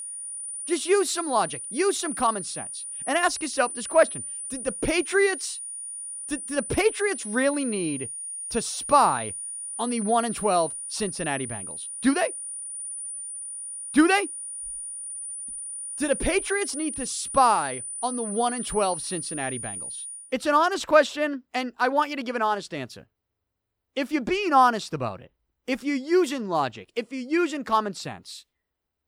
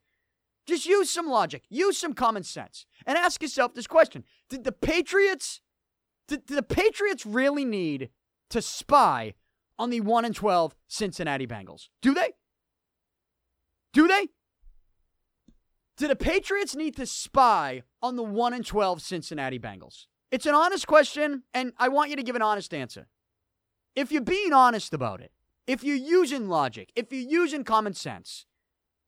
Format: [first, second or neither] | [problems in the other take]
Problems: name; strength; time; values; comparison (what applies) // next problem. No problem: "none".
second | high-pitched whine; loud; until 20 s; 9.5 kHz, 7 dB below the speech